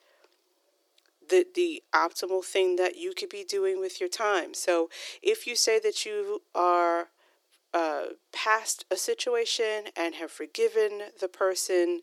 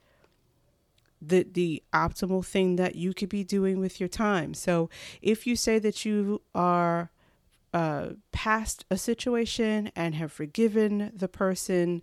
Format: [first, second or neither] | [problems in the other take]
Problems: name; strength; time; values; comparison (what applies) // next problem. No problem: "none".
second | thin; very; fading below 350 Hz